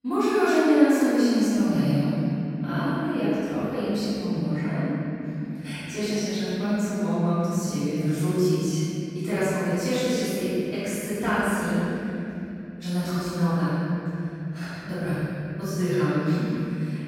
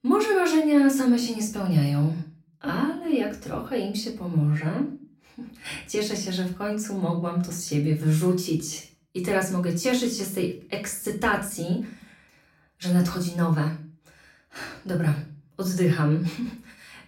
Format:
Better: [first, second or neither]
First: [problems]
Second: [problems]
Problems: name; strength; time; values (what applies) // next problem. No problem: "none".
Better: second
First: room echo; strong; dies away in 3 s // off-mic speech; far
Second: room echo; slight; dies away in 0.4 s // off-mic speech; far